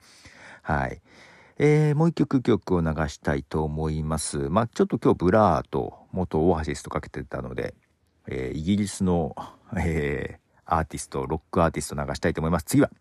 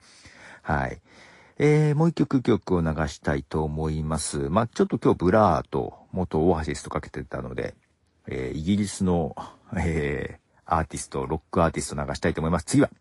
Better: first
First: none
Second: garbled, watery; slightly

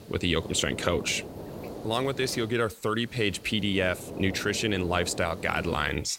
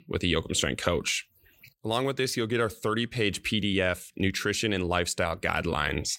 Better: second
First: hiss; noticeable; throughout; 15 dB below the speech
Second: none

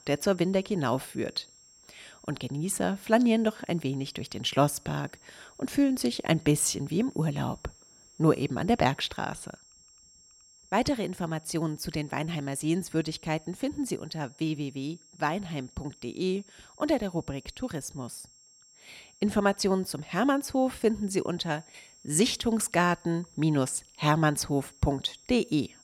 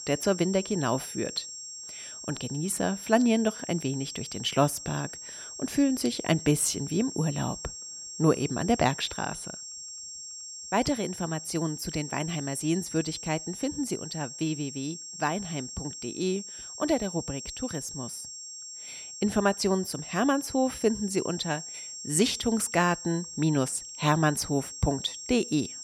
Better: first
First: high-pitched whine; faint; throughout; 7.5 kHz, 25 dB below the speech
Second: high-pitched whine; loud; throughout; 7.5 kHz, 9 dB below the speech

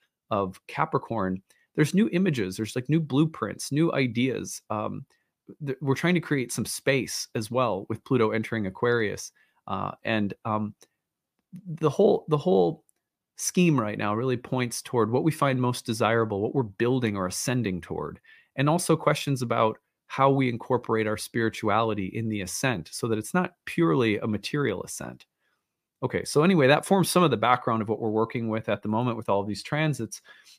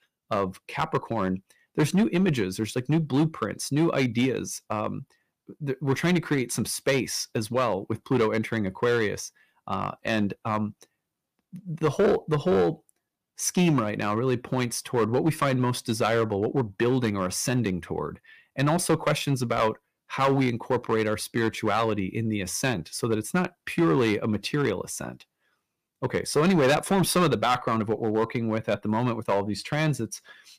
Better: first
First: none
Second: distortion; slight; 4% of the sound clipped

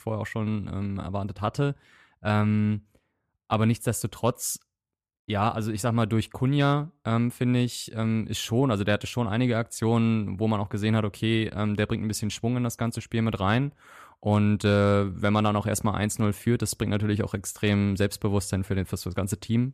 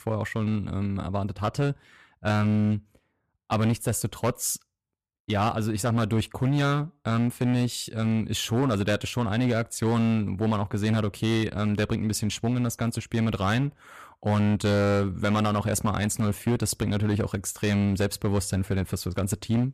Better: first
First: none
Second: distortion; slight; 9% of the sound clipped

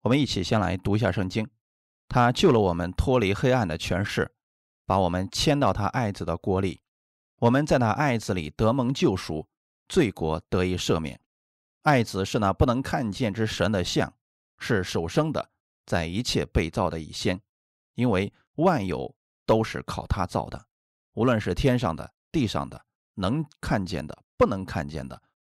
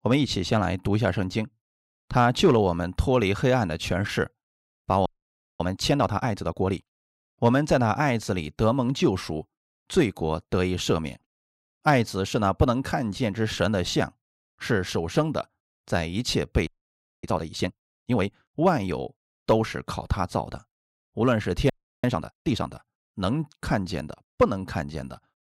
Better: first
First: none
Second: audio freezing; at 5 s for 0.5 s, at 17 s for 0.5 s and at 22 s

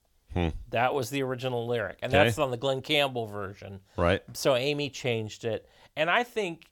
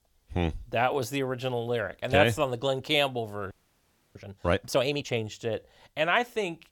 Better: first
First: none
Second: audio freezing; at 3.5 s for 0.5 s

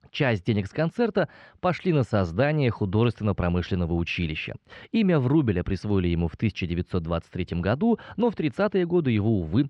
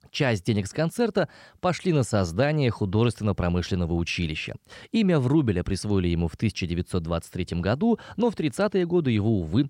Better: second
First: muffled; slightly; fading above 2.5 kHz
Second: none

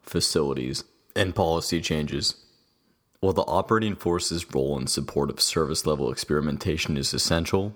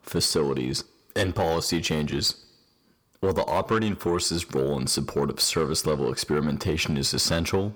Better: first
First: none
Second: distortion; slight; 10 dB below the speech

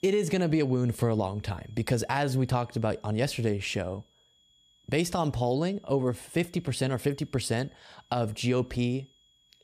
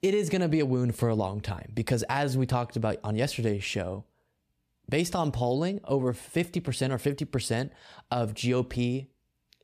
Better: second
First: high-pitched whine; faint; throughout; 3.5 kHz, 35 dB below the speech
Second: none

